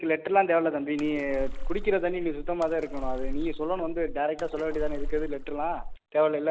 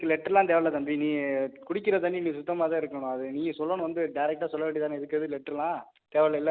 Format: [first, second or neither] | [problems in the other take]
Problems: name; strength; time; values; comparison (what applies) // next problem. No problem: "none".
second | background sound (Splash, splatter); 4 dB below the speech